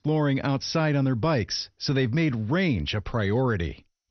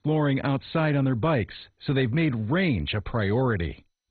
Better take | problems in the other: first | garbled, watery; badly; nothing above 4 kHz; slightly in the first

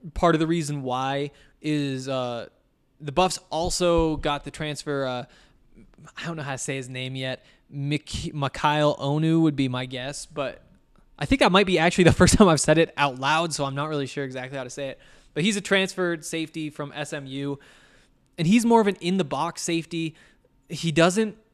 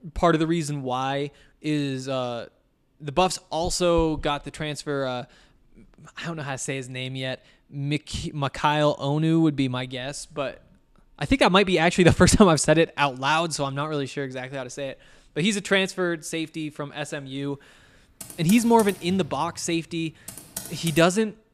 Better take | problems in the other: first | keyboard typing; noticeable; from 18 to 21 s; peak 10 dB below the speech

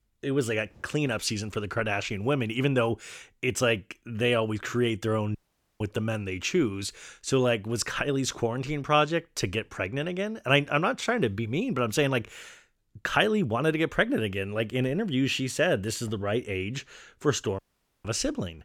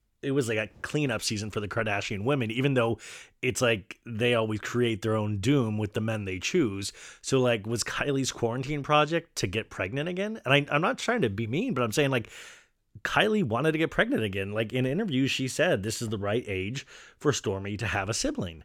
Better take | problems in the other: second | audio cutting out; at 5.5 s and at 18 s

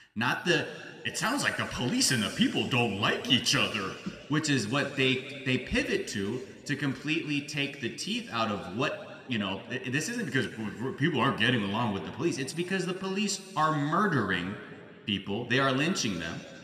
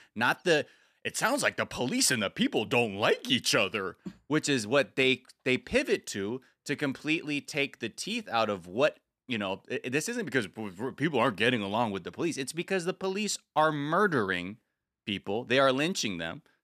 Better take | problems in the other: second | room echo; slight; dies away in 1.8 s

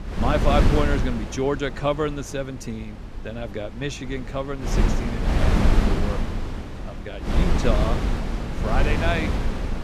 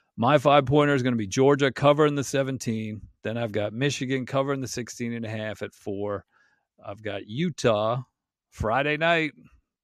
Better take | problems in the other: second | wind noise on the microphone; heavy; 2 dB below the speech

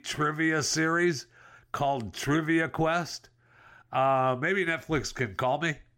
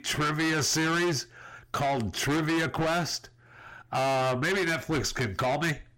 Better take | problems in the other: first | distortion; heavy; 6 dB below the speech

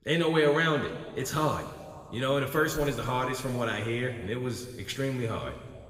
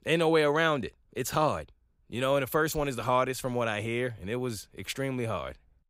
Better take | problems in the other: second | room echo; noticeable; dies away in 1.7 s // off-mic speech; somewhat distant

